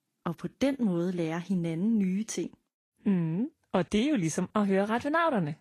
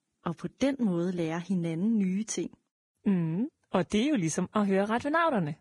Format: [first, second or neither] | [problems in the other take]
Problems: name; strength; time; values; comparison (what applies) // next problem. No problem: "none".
first | garbled, watery; badly; nothing above 10 kHz; slightly in the first